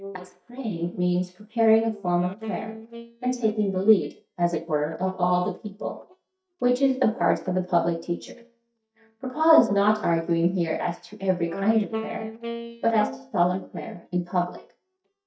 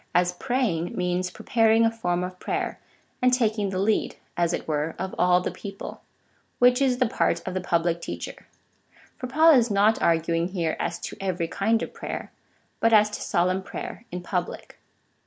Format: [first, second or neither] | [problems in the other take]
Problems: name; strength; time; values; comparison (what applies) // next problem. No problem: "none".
second | noise reduction (neural mask model DeepFilterNet 3)